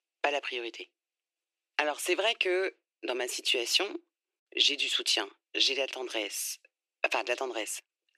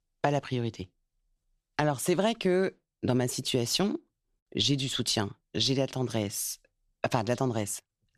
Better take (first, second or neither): second